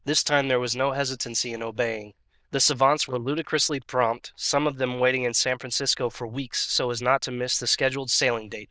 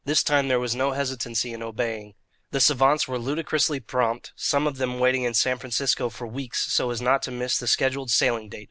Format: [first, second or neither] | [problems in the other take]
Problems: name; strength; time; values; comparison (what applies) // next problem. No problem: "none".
second | noise reduction (neural diffusion model UNIVERSE++)